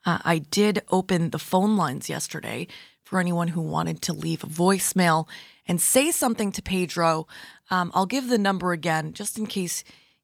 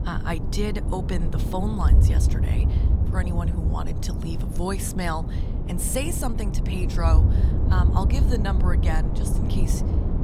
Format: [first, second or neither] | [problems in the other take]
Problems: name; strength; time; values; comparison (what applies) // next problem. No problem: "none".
first | low rumble; loud; throughout; 5 dB below the speech